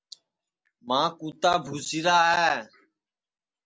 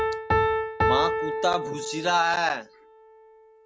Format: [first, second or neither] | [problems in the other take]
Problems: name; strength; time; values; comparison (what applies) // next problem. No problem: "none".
first | background sound (Piano); 1 dB above the speech